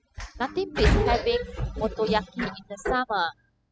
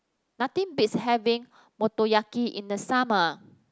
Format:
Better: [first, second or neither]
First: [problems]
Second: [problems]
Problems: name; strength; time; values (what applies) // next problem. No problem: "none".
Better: second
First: noise reduction (classical method spectral subtraction)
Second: none